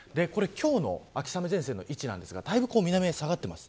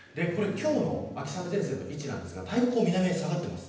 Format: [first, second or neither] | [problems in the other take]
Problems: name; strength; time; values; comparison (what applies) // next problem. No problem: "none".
first | background sound (Acoustic guitar / Strum); 14 dB below the speech // room echo; dies away in 0.9 s